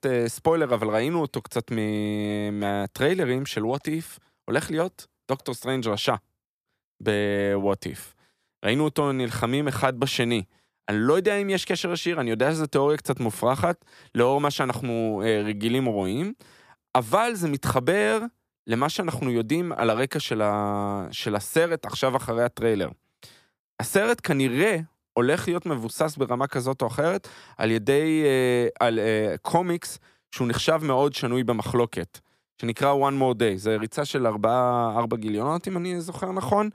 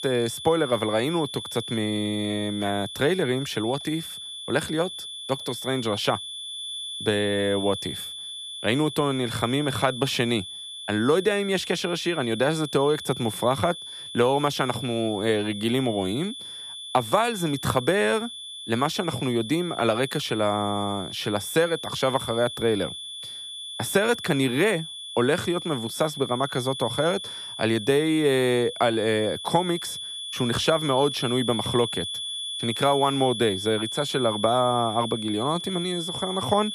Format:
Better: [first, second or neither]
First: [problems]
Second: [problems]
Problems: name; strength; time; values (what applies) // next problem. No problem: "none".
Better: first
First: none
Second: high-pitched whine; loud; throughout; 3.5 kHz, 8 dB below the speech